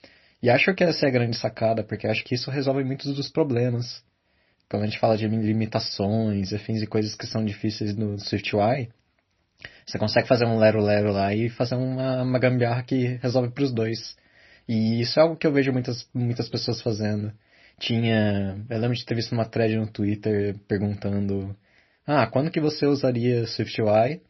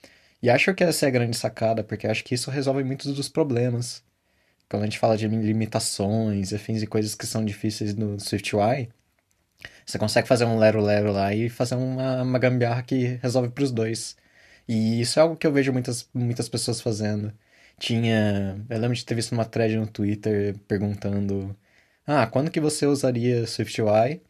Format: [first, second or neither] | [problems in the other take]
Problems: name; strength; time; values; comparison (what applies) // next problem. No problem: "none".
second | garbled, watery; slightly; nothing above 5.5 kHz